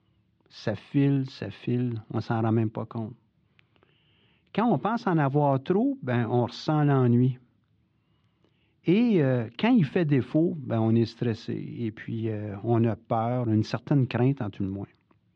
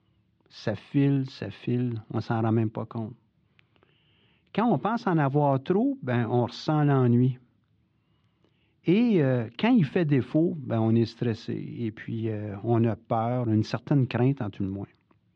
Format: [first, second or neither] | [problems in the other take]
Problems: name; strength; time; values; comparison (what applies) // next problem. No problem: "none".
neither | muffled; slightly; fading above 3.5 kHz; the same in both